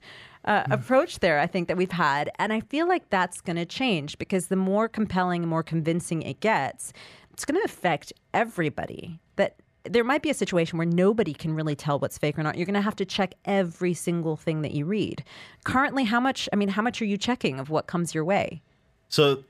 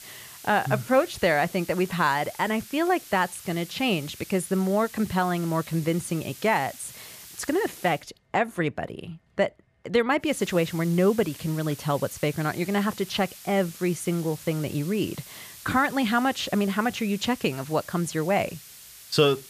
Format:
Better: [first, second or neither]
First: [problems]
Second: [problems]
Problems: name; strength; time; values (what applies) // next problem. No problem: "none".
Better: first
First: none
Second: hiss; noticeable; until 8 s and from 10 s on; 15 dB below the speech